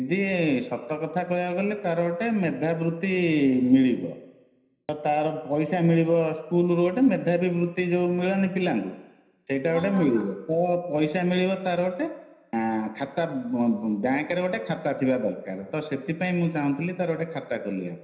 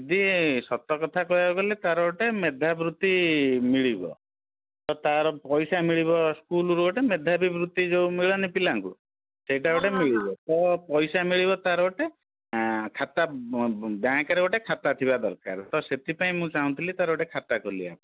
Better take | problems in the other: second | room echo; dies away in 0.9 s

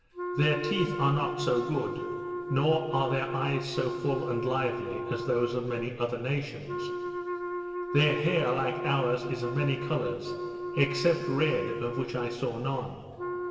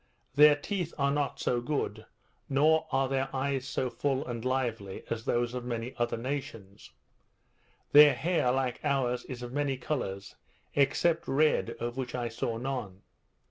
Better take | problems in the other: second | background sound (Wind instrument, woodwind instrument); 6 dB below the speech // room echo; dies away in 2.3 s

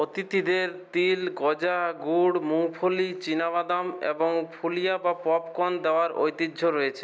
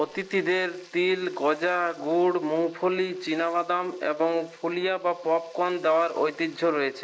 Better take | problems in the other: first | noise reduction (neural mask model Resemble Enhance denoiser)

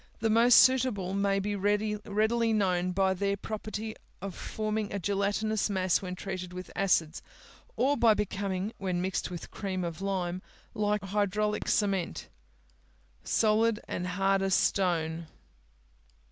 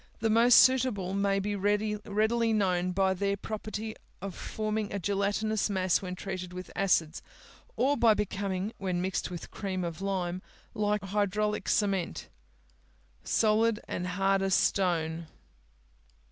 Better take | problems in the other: second | background sound (Fireworks); 19 dB below the speech

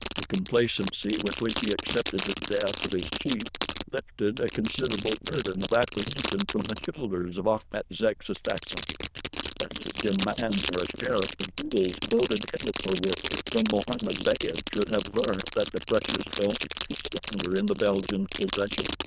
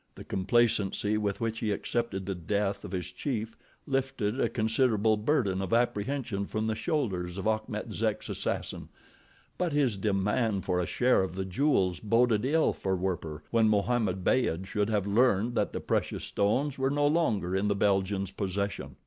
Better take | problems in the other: second | noise reduction (neural diffusion model UNIVERSE++)

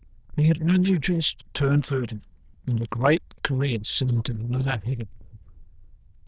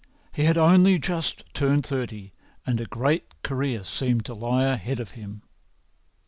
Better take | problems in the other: second | noise reduction (neural diffusion model UNIVERSE++)

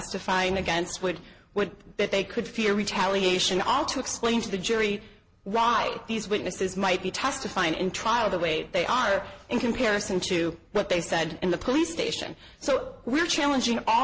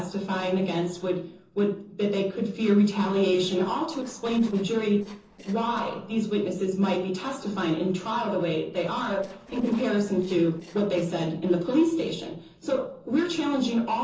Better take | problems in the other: first | noise reduction (neural separator model SepFormer DNS4)

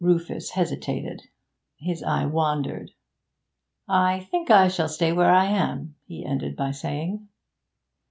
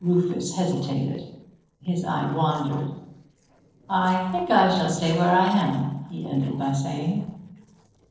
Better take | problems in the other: first | noise reduction (neural separator model SepFormer DNS4)

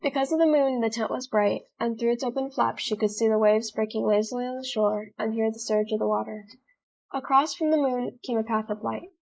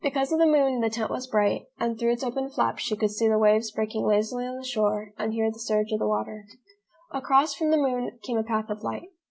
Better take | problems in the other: second | noise reduction (neural mask model Resemble Enhance denoiser)

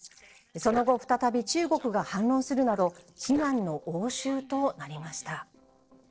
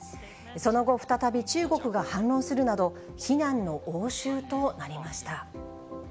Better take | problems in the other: second | noise reduction (neural separator model SepFormer DNS4)

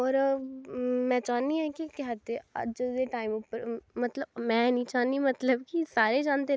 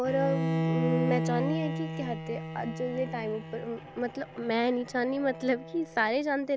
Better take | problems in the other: first | background sound (Bowed string instrument); 3 dB below the speech

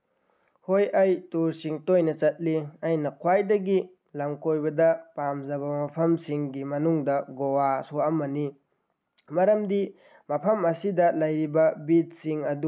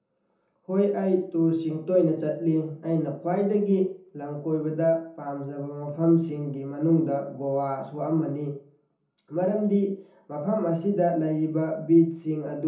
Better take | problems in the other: first | room echo; dies away in 0.6 s

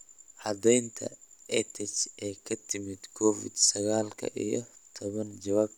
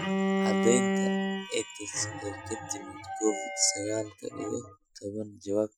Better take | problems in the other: first | noise reduction (classical method Wiener filter)

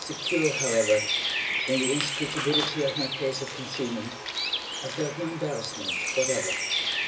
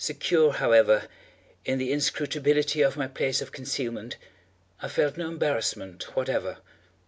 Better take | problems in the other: second | background sound (Bird); as loud as the speech // room echo; dies away in 0.4 s

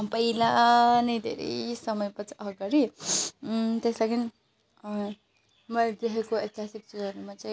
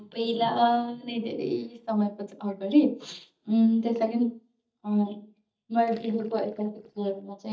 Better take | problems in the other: first | noise reduction (neural mask model DeepFilterNet 3)

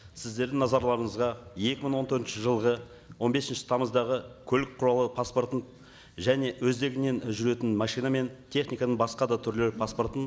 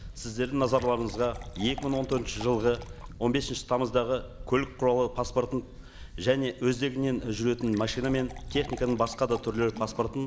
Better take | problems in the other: first | background sound (Fill (with liquid) / Water + Camera); 14 dB below the speech

